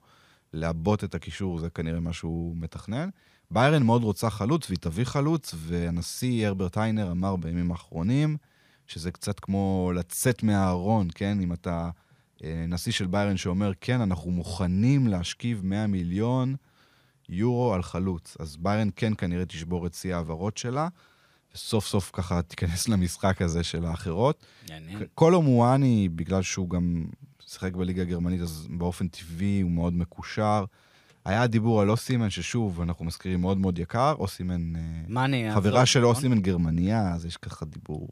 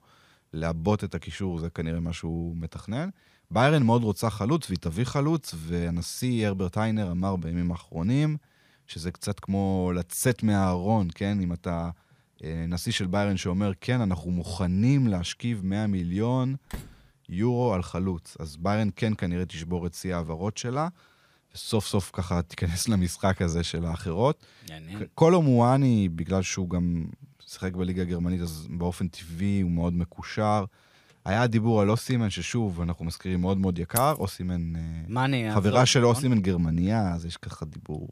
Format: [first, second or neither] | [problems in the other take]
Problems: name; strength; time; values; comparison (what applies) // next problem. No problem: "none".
first | door banging; faint; at 17 s; peak 15 dB below the speech // jangling keys; noticeable; at 34 s; peak 5 dB below the speech